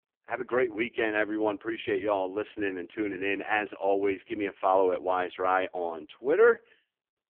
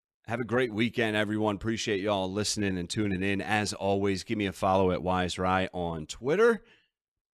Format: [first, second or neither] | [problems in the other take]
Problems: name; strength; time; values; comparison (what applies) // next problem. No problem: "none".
second | phone-call audio; poor line